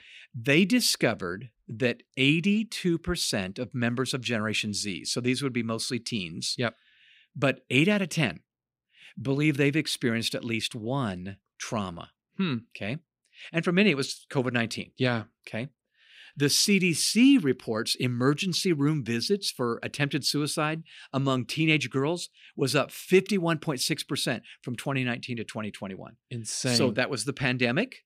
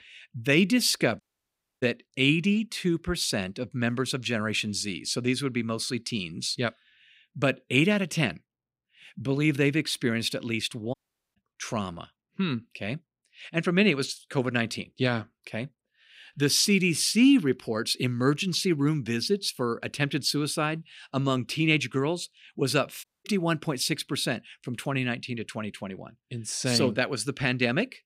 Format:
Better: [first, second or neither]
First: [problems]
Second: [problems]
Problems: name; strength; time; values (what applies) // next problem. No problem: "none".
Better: first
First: none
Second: audio cutting out; at 1 s for 0.5 s, at 11 s and at 23 s